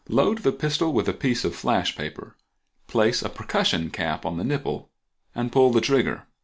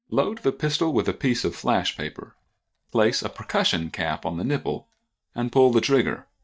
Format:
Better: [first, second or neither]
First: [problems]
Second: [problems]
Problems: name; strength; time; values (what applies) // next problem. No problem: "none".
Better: first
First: none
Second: noise reduction (neural mask model DeepFilterNet 3)